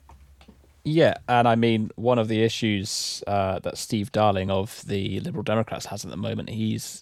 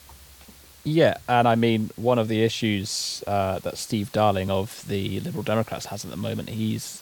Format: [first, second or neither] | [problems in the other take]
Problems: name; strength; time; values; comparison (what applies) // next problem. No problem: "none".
first | hiss; faint; throughout; 25 dB below the speech